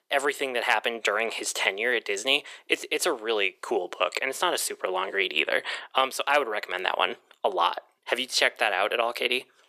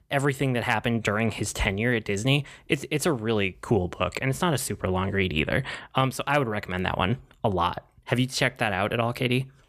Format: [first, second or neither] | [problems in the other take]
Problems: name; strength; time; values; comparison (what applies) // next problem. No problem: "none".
second | thin; very; fading below 400 Hz